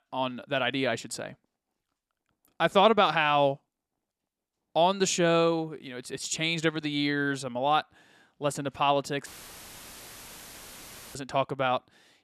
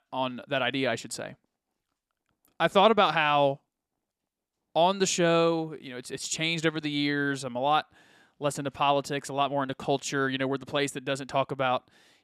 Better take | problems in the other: second | audio cutting out; filled with static; at 9.5 s for 2 s

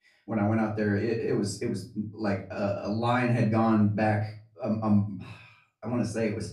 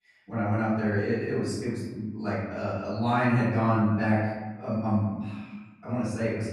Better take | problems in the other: first | room echo; strong; dies away in 1.1 s; slight in the first // off-mic speech; far; far in the first

